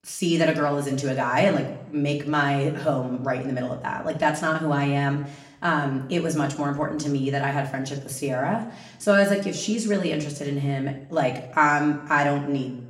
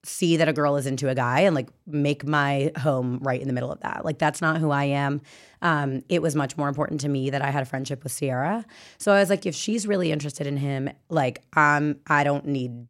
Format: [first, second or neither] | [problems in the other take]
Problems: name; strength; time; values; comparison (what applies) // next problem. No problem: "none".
second | room echo; slight; dies away in 0.6 s // off-mic speech; somewhat distant